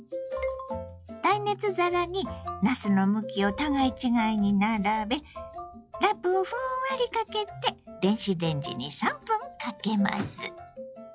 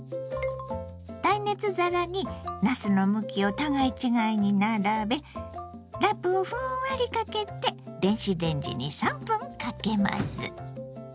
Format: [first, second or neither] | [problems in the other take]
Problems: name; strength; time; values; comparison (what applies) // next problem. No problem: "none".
second | noise reduction (classical method log-MMSE)